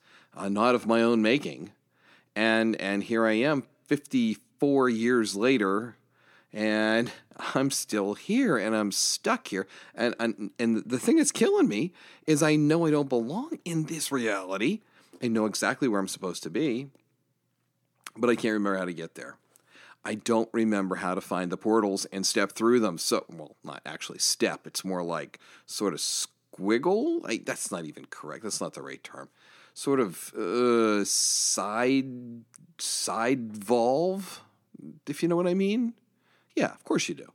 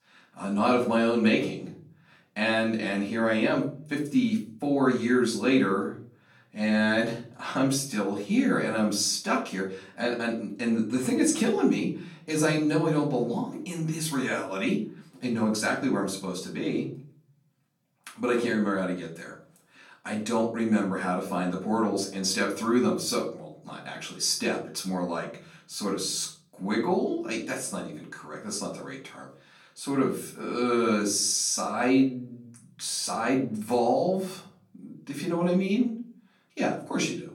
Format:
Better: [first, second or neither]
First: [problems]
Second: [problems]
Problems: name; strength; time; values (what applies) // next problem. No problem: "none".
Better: first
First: none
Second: off-mic speech; far // room echo; slight; dies away in 0.5 s